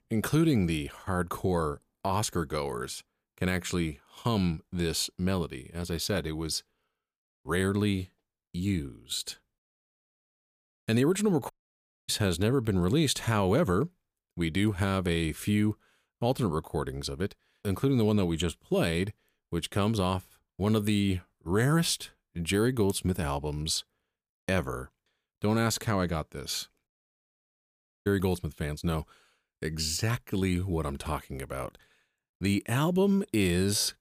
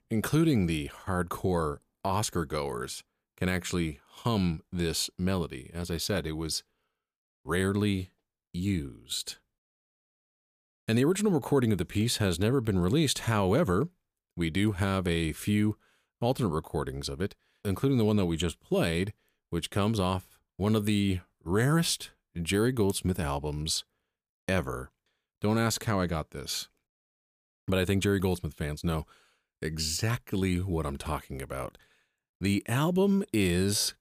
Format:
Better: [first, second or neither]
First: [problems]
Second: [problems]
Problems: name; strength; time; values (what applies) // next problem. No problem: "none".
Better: second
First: audio cutting out; at 12 s for 0.5 s and at 28 s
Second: none